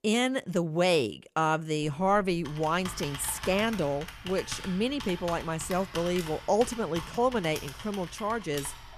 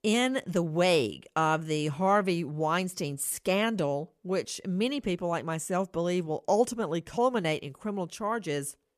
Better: second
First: keyboard typing; noticeable; from 2 s on; peak 9 dB below the speech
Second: none

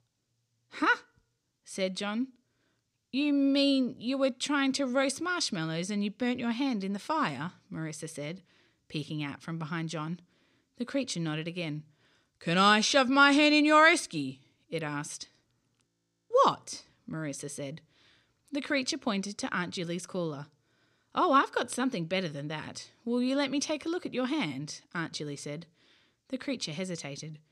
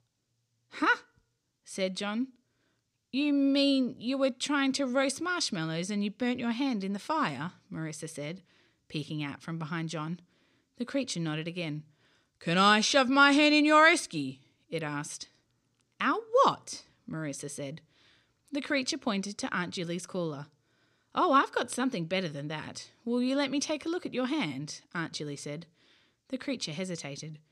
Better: second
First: audio freezing; at 16 s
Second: none

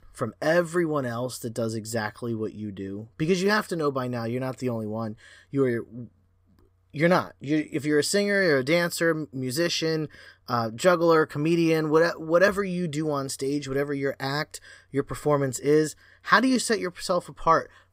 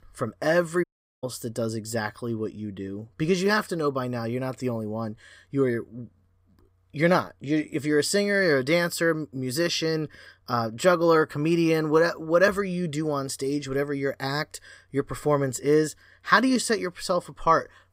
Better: first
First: none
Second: audio cutting out; at 1 s

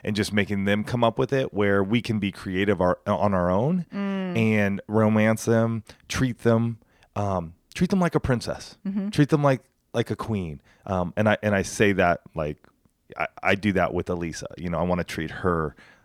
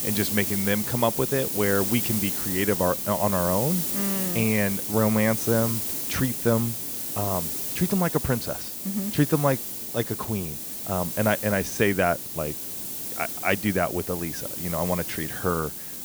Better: first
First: none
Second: hiss; loud; throughout; 2 dB below the speech

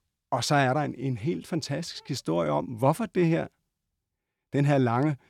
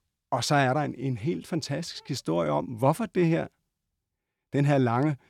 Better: neither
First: none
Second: none

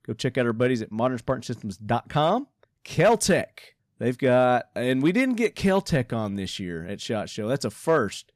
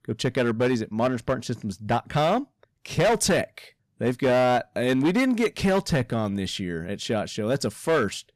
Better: first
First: none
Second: distortion; slight; 8% of the sound clipped

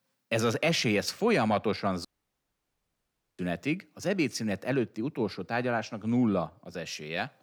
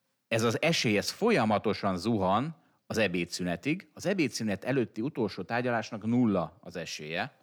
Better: second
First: audio cutting out; at 2 s for 1.5 s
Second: none

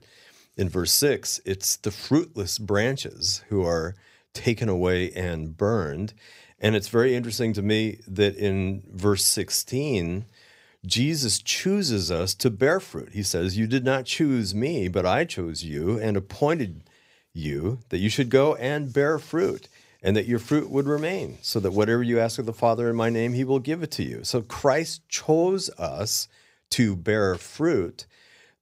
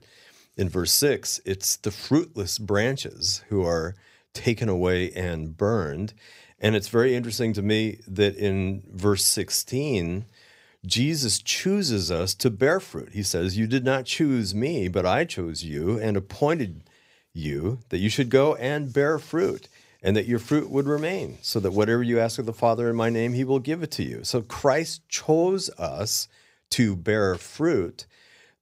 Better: neither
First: none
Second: none

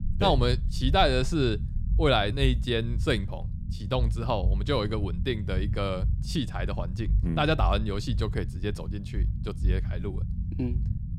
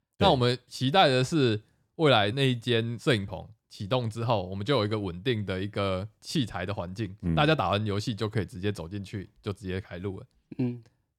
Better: second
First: low rumble; noticeable; throughout; 20 dB below the speech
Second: none

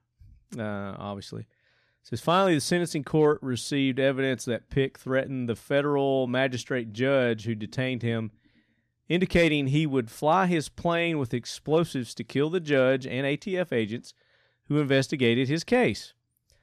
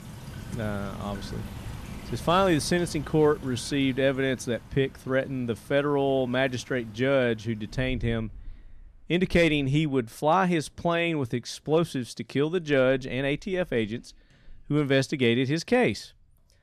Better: first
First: none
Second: rain or running water; noticeable; throughout; 15 dB below the speech

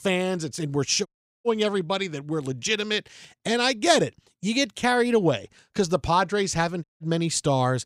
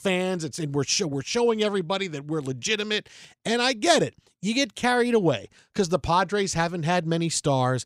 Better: second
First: audio cutting out; at 1 s and at 7 s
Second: none

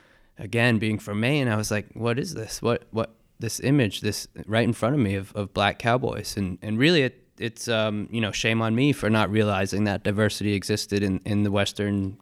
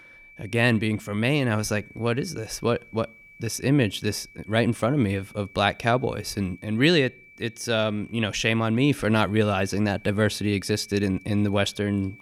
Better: first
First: none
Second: high-pitched whine; faint; throughout; 2.5 kHz, 25 dB below the speech

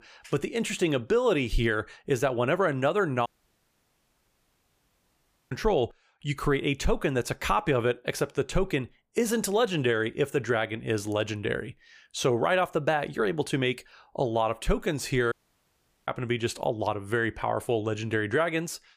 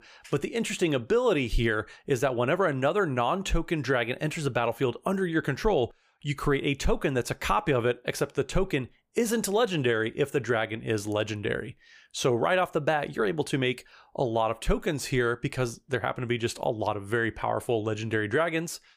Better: second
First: audio cutting out; at 3.5 s for 2.5 s and at 15 s for 1 s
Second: none

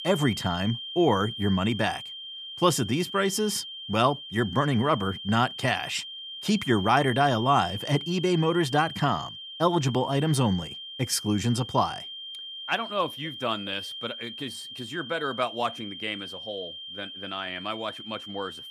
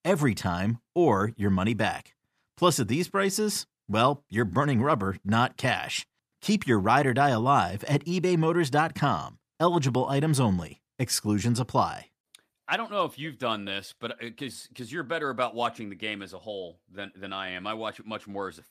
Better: second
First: high-pitched whine; loud; throughout; 3 kHz, 10 dB below the speech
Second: none

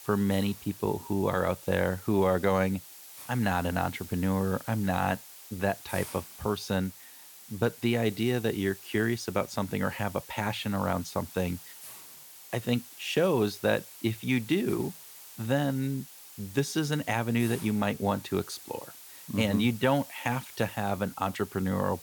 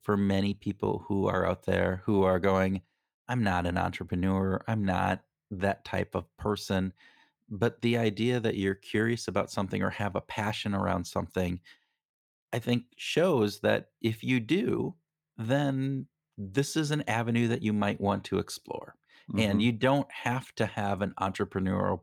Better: second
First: hiss; noticeable; throughout; 15 dB below the speech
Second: none

